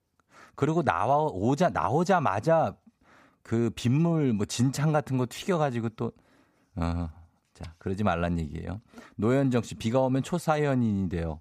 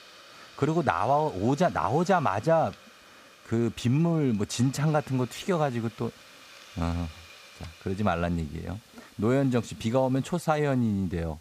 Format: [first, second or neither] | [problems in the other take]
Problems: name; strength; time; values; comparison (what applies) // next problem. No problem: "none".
first | hiss; faint; throughout; 25 dB below the speech